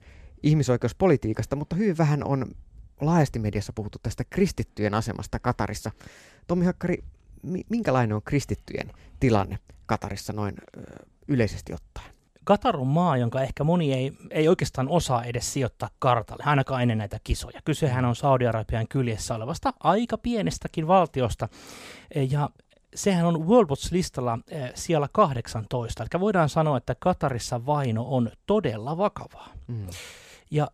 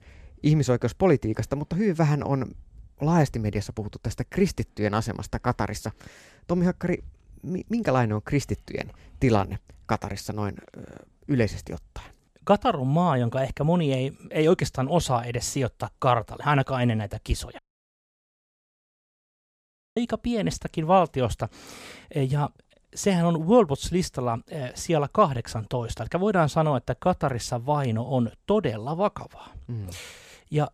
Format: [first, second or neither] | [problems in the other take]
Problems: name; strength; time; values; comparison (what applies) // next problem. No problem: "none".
first | audio cutting out; at 18 s for 2.5 s